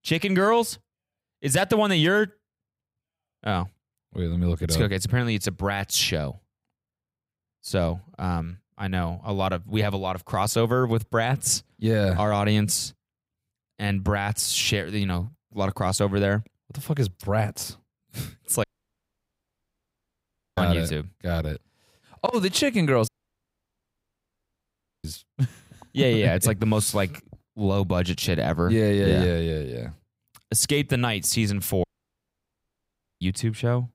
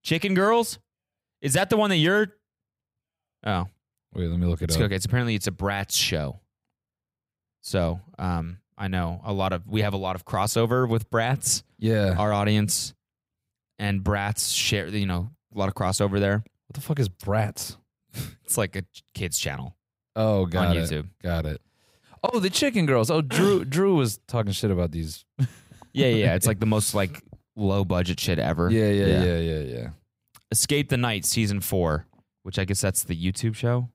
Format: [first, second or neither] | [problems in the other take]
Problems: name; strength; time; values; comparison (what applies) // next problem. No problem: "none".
second | audio cutting out; at 19 s for 2 s, at 23 s for 2 s and at 32 s for 1.5 s